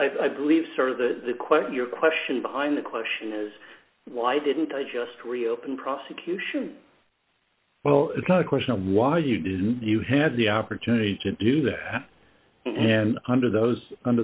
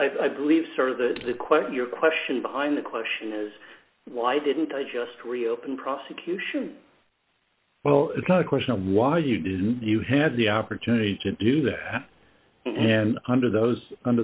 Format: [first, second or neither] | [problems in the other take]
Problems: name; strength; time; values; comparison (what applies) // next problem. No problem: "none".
first | background sound (Coin (dropping)); 17 dB below the speech